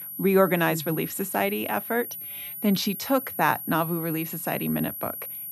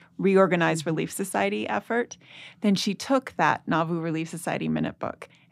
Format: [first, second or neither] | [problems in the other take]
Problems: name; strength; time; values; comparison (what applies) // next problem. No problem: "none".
second | high-pitched whine; loud; throughout; 12 kHz, 7 dB below the speech